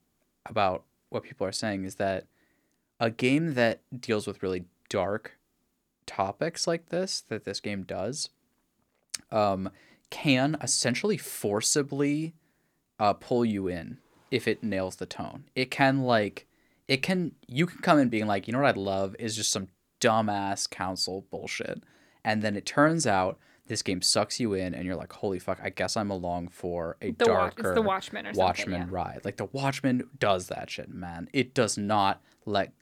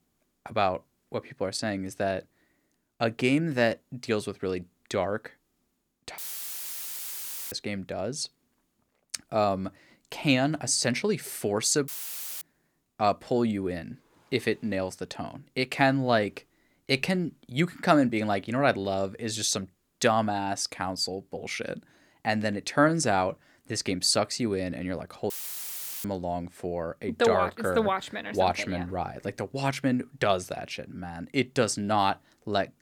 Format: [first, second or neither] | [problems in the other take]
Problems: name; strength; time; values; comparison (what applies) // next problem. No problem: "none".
first | audio cutting out; filled with static; at 6 s for 1.5 s, at 12 s for 0.5 s and at 25 s for 0.5 s